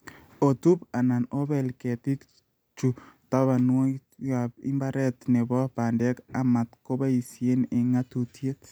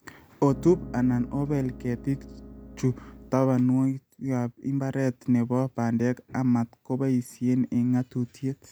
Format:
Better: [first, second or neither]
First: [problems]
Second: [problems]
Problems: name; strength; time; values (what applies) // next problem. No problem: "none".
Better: first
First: none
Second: background sound (Piano); 14 dB below the speech